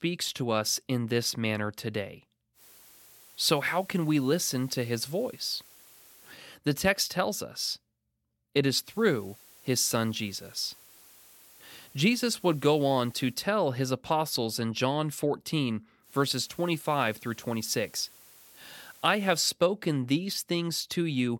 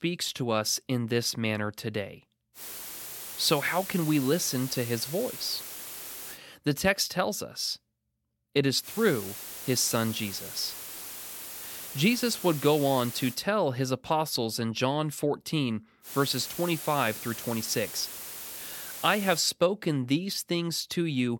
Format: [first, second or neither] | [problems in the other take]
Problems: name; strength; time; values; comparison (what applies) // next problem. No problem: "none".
first | hiss; loud; from 2.5 to 6.5 s, from 9 to 13 s and from 16 to 19 s; 9 dB below the speech; faint in the first